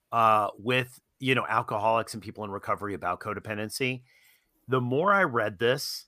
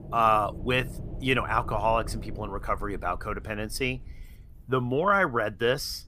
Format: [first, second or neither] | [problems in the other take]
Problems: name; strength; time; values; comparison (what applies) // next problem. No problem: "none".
first | low rumble; faint; throughout; 25 dB below the speech